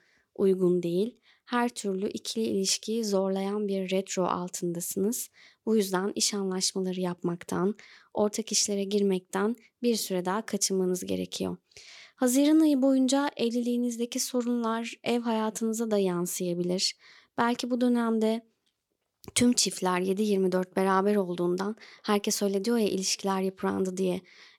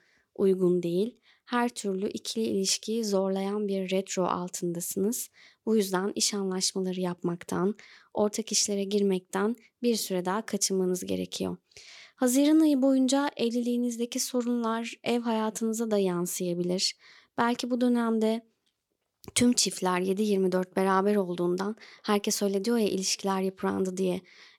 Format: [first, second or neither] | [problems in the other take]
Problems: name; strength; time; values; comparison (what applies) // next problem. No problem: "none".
neither | none